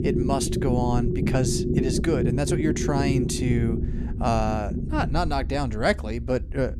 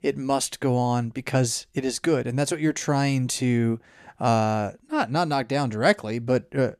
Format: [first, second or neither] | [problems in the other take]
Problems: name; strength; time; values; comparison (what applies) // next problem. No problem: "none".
second | low rumble; loud; throughout; 5 dB below the speech